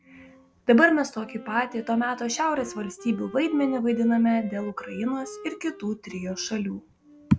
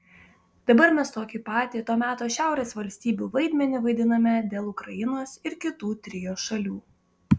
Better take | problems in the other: second | background sound (Wind instrument, woodwind instrument); 19 dB below the speech

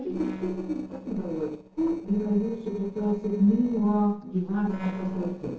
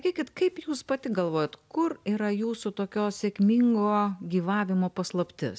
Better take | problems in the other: second | noise reduction (neural separator model SepFormer DNS4)

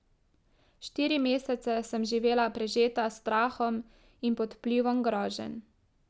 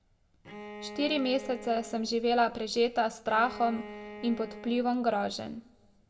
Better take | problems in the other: first | background sound (Bowed string instrument); 15 dB below the speech // room echo; dies away in 0.7 s

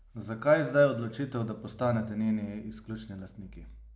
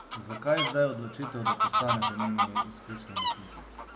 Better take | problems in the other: first | background sound (Fowl); 1 dB above the speech

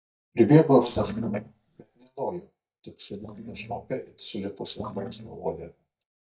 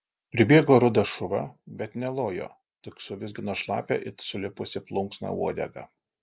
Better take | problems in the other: second | noise reduction (neural mask model DeepFilterNet 3)

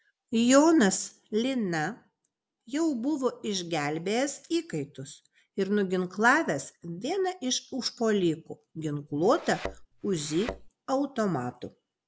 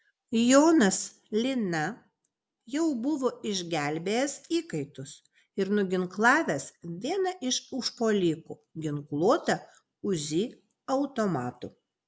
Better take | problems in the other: second | background sound (Thump, thud); 13 dB below the speech

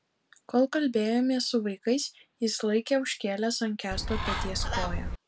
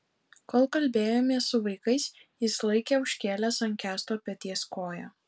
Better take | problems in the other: second | background sound (Bird); 2 dB below the speech

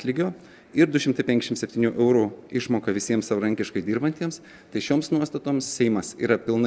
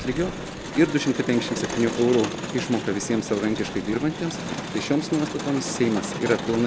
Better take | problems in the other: first | background sound (Crowd); 7 dB below the speech

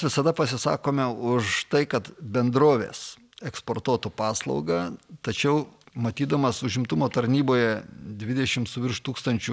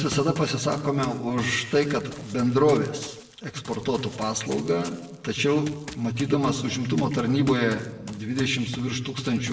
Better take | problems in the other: first | background sound (Run); 18 dB below the speech // room echo; dies away in 0.9 s

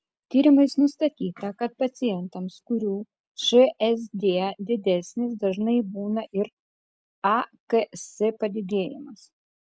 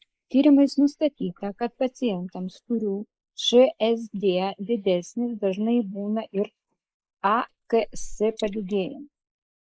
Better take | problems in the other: first | noise reduction (neural mask model Resemble Enhance denoiser)

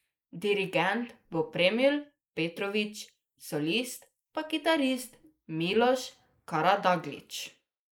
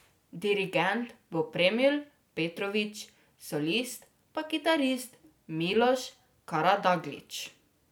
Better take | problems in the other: second | noise reduction (neural mask model Resemble Enhance denoiser)

